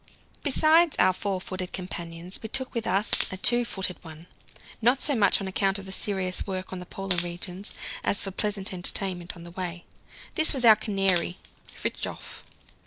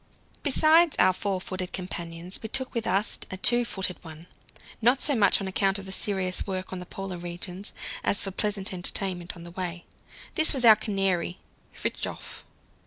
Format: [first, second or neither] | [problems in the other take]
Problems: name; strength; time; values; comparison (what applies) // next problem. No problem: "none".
second | background sound (Wood); 15 dB below the speech